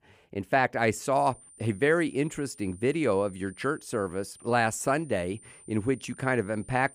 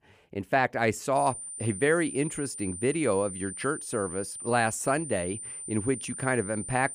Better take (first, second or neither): first